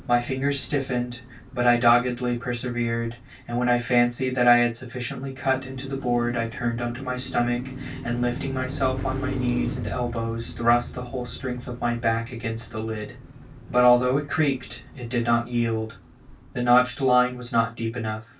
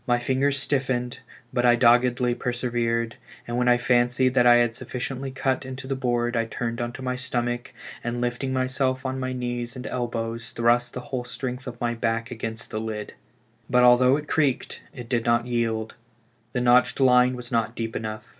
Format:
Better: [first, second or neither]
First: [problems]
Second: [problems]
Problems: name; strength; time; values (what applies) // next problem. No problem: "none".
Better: second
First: background sound (Car passing by); 12 dB below the speech // room echo; dies away in 0.2 s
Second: none